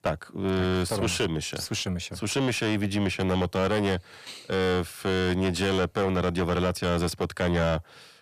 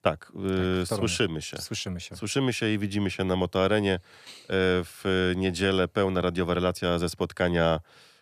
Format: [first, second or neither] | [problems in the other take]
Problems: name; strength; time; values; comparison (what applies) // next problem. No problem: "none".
second | distortion; heavy; 7 dB below the speech